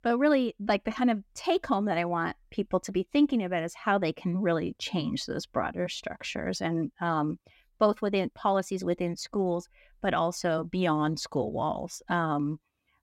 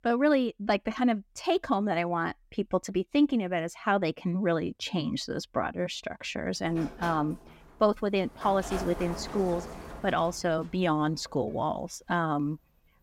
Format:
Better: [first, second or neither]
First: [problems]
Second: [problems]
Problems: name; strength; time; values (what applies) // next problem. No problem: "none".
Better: first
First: none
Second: door banging; noticeable; from 6.5 to 12 s; peak 8 dB below the speech